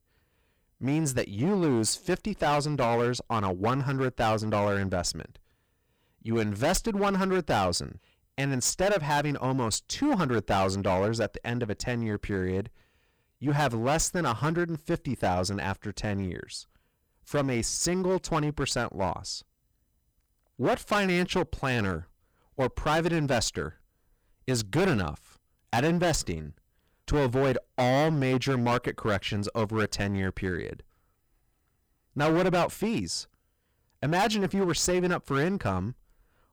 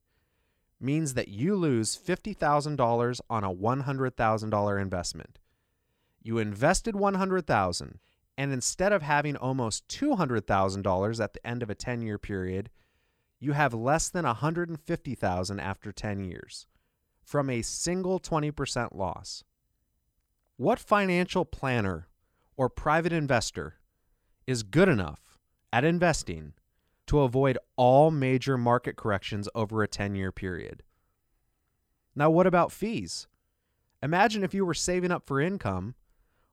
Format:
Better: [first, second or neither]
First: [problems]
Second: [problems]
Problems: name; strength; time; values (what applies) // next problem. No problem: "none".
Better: second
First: distortion; heavy; 11% of the sound clipped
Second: none